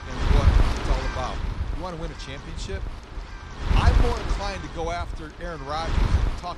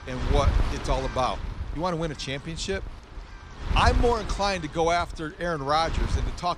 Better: second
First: wind noise on the microphone; heavy; 1 dB below the speech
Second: wind noise on the microphone; occasional gusts; 10 dB below the speech

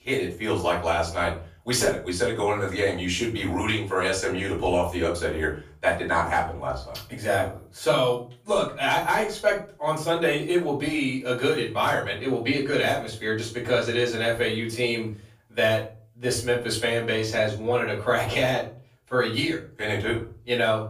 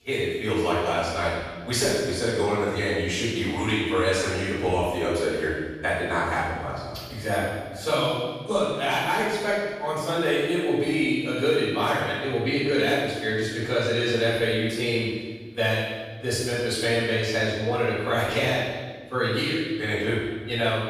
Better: first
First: room echo; slight; dies away in 0.4 s // off-mic speech; far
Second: room echo; strong; dies away in 1.4 s // off-mic speech; far

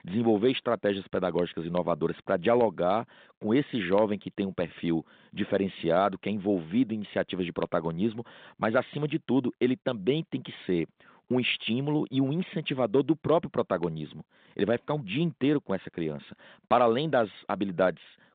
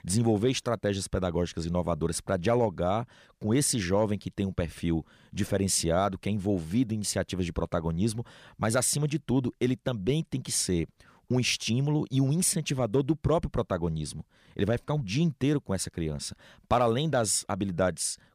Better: second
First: phone-call audio; nothing above 3.5 kHz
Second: none

